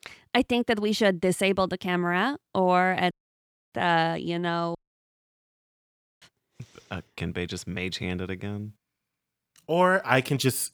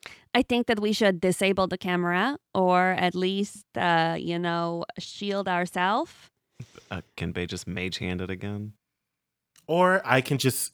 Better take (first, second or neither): second